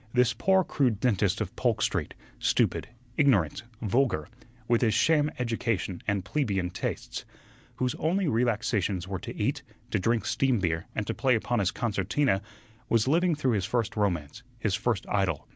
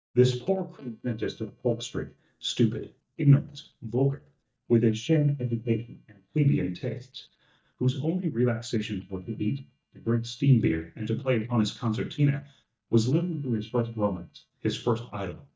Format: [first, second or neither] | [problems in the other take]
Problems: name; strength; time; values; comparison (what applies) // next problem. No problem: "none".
first | noise reduction (neural mask model DeepFilterNet 3)